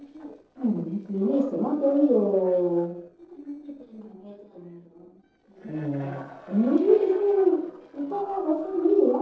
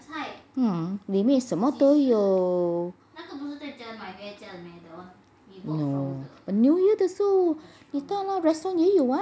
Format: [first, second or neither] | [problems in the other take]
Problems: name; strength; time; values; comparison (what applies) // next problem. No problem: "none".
second | noise reduction (neural separator model SepFormer DNS4)